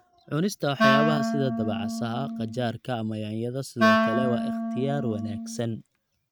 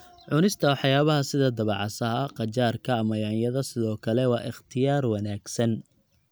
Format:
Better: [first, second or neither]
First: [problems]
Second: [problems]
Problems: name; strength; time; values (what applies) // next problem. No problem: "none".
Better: second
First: noise reduction (neural mask model RNNoise)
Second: none